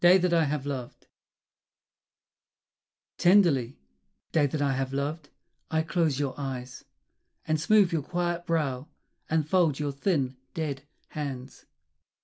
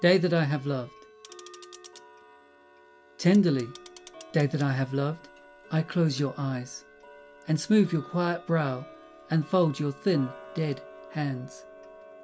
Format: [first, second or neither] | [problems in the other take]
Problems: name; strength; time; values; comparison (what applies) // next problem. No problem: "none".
first | background sound (Tick-tock); 20 dB below the speech